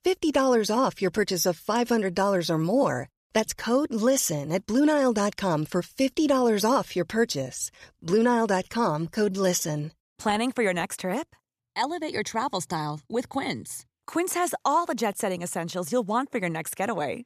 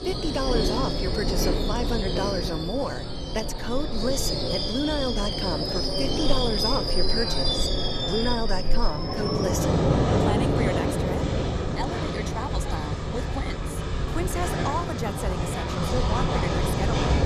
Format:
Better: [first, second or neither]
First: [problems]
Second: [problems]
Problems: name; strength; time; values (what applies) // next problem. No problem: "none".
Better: first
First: none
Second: train or aircraft noise; very loud; throughout; 5 dB above the speech